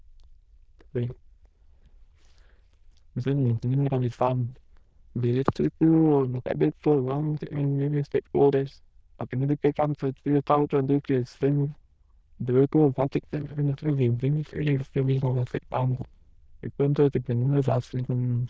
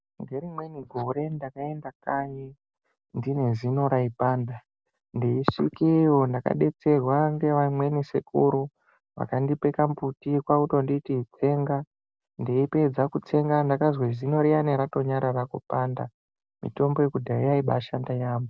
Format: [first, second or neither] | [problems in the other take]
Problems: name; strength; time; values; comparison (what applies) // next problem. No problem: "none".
second | noise reduction (neural diffusion model UNIVERSE++)